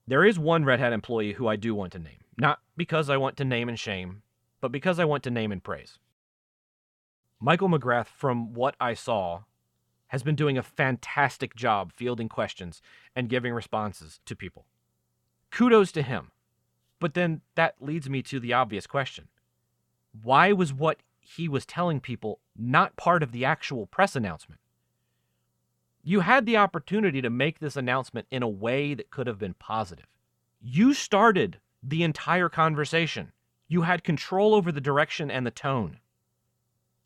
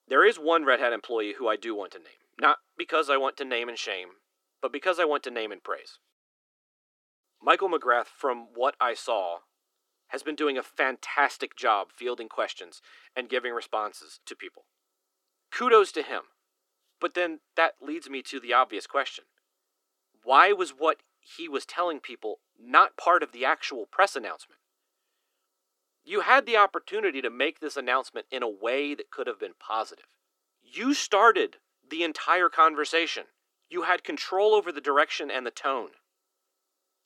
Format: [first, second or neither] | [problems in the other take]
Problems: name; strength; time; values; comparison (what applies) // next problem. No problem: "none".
first | thin; somewhat; fading below 300 Hz